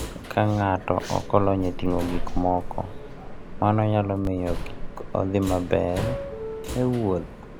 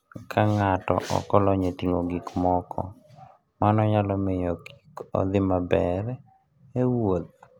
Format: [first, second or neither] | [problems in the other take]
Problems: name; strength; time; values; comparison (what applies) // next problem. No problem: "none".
second | background sound (Subway, metro, underground); 7 dB below the speech